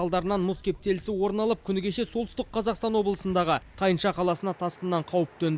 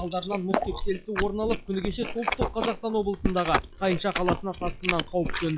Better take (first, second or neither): first